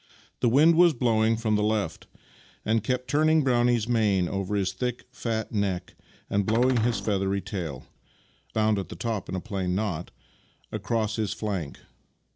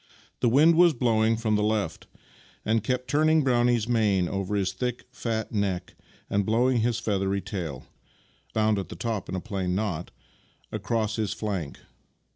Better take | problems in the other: second | background sound (Cupboard open or close); 11 dB below the speech

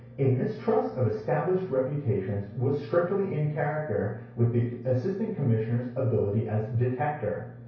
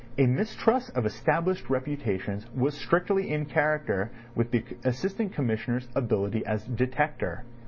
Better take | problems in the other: second | room echo; dies away in 0.6 s

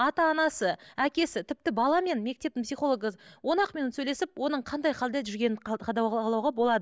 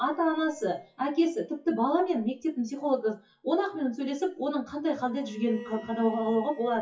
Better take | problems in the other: first | noise reduction (classical method WPE with log-MMSE)

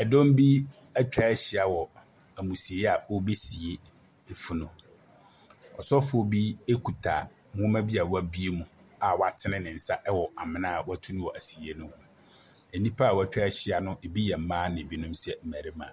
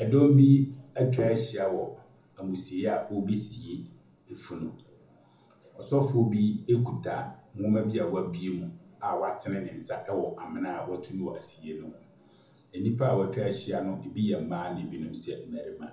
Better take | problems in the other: first | room echo; dies away in 0.6 s

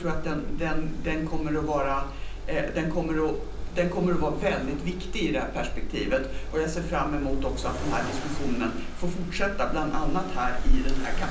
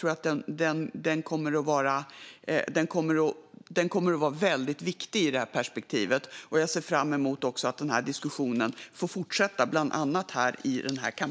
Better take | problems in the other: second | background sound (Accelerating, revving, vroom); 1 dB above the speech // room echo; dies away in 0.6 s

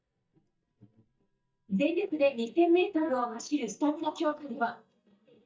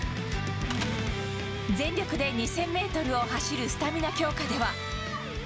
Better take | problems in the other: second | noise reduction (neural mask model DeepFilterNet 3)

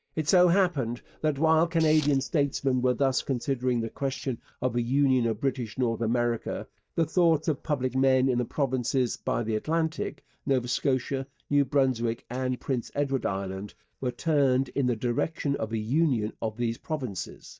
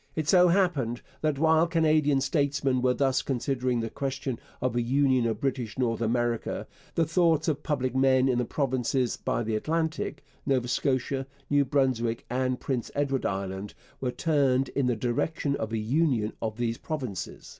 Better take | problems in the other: second | noise reduction (neural mask model DeepFilterNet 3)

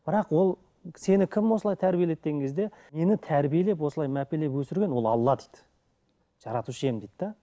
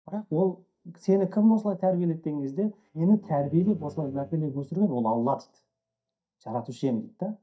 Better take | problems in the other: first | noise reduction (neural mask model DeepFilterNet 3)

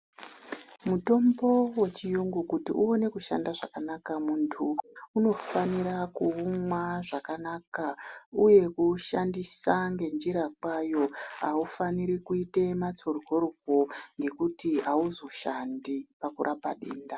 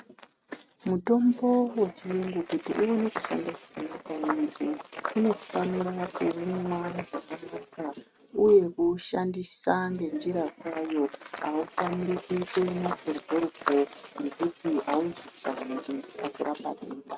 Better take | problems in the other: first | noise reduction (neural mask model RNNoise)

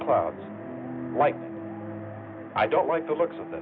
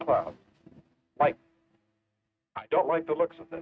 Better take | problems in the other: first | noise reduction (neural mask model RNNoise)

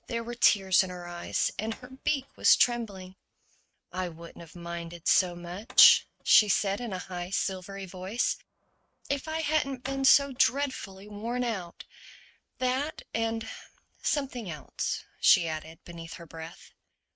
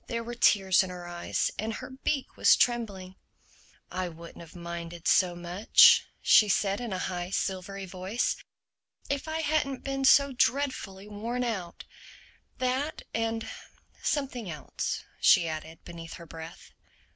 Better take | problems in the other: second | noise reduction (neural mask model RNNoise)

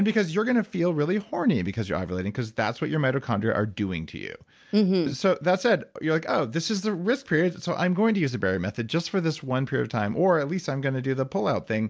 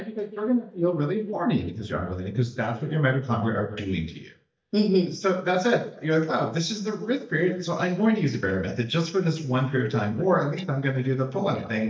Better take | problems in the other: first | noise reduction (neural mask model DeepFilterNet 3)

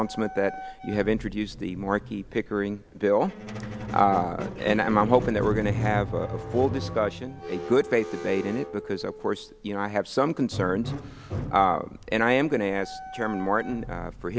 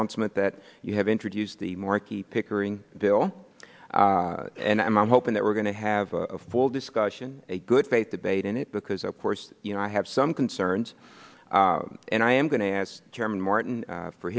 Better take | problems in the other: second | background sound (Squeak); 9 dB below the speech

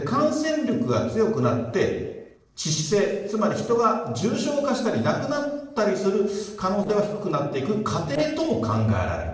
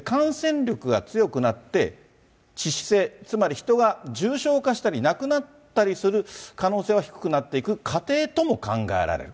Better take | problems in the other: second | noise reduction (neural separator model SepFormer DNS4)

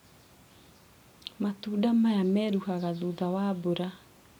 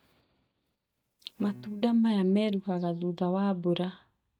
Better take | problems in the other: first | noise reduction (neural mask model DeepFilterNet 3)

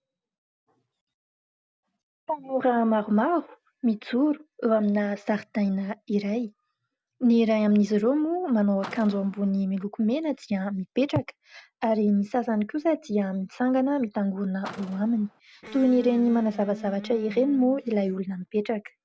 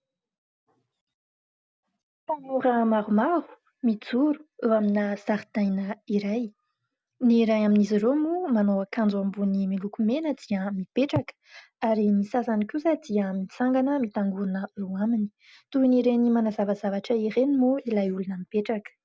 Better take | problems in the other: second | background sound (Electric guitar + Car); 17 dB below the speech

